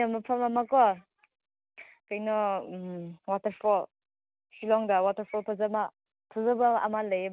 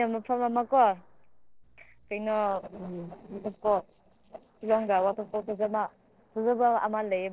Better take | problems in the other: first | noise reduction (neural separator model SepFormer DNS4)

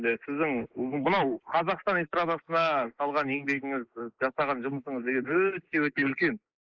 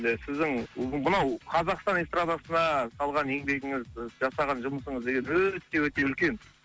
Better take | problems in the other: second | noise reduction (neural mask model Resemble Enhance denoiser)

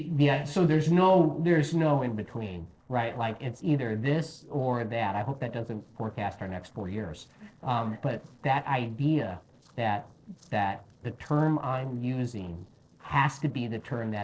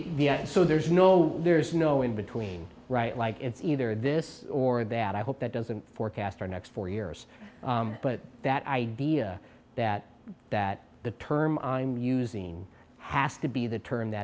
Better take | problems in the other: second | noise reduction (neural separator model SepFormer DNS4)

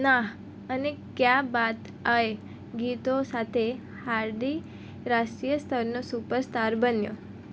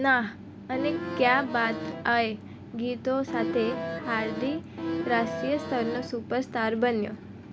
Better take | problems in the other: first | background sound (Accordion); 5 dB below the speech

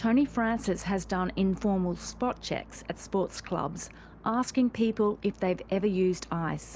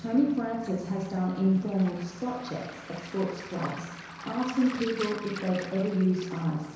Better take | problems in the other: first | background sound (Waves, surf); 15 dB below the speech // room echo; dies away in 1 s

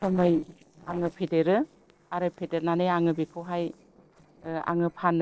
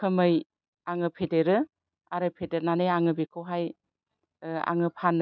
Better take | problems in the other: second | noise reduction (neural separator model SepFormer DNS4)

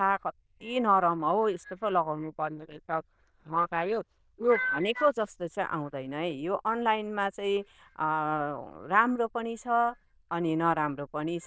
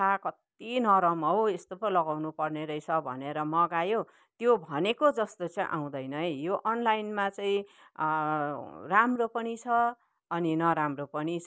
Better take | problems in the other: second | noise reduction (neural diffusion model UNIVERSE++)

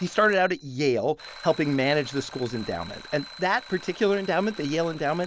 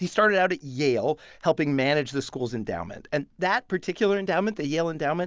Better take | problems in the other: second | background sound (Alarm); 18 dB below the speech

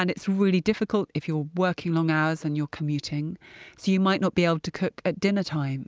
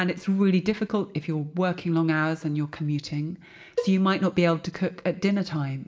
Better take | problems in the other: first | background sound (Cowbell); 11 dB below the speech // room echo; dies away in 0.6 s

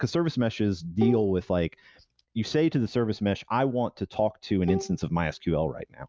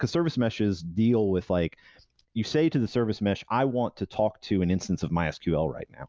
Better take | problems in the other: second | noise reduction (neural mask model RNNoise)

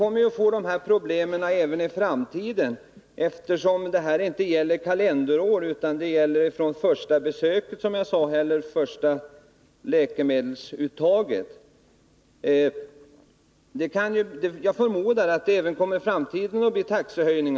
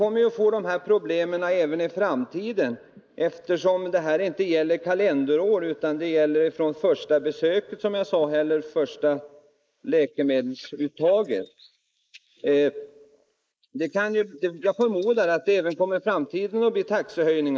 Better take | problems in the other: first | noise reduction (neural mask model Resemble Enhance denoiser)

